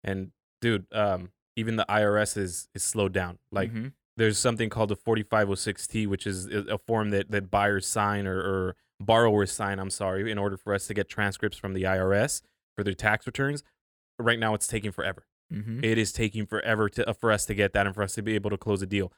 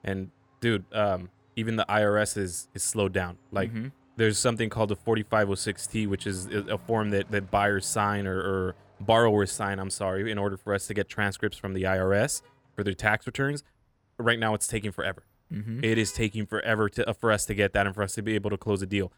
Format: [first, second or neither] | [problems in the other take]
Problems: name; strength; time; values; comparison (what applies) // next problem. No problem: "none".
first | traffic noise; faint; throughout; 30 dB below the speech